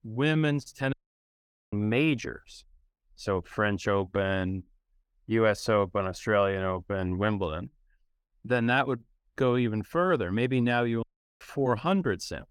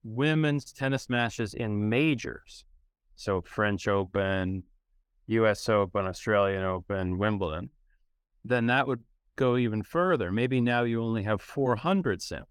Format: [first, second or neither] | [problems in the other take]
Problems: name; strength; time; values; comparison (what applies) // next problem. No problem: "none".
second | audio cutting out; at 1 s for 1 s and at 11 s